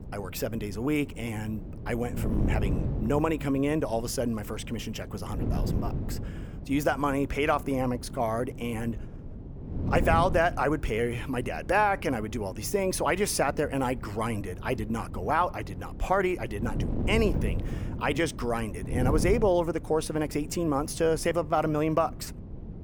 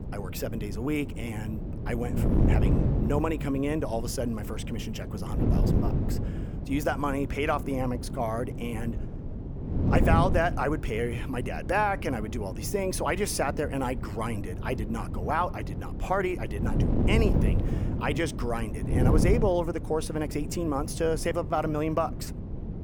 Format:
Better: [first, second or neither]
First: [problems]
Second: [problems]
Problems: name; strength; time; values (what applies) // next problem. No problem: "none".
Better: first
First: wind noise on the microphone; occasional gusts; 15 dB below the speech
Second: wind noise on the microphone; heavy; 9 dB below the speech